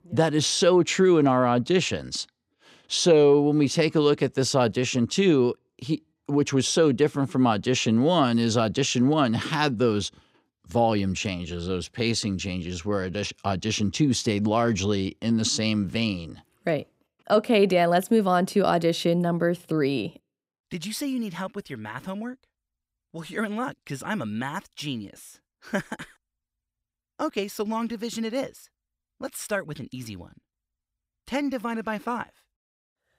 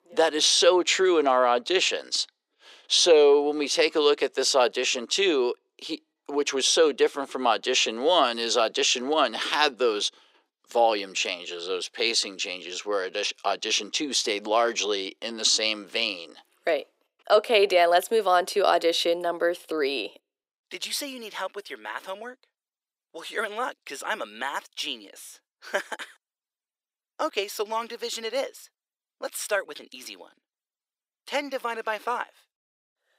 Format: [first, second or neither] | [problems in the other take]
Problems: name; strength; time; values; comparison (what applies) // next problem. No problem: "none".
first | thin; very; fading below 400 Hz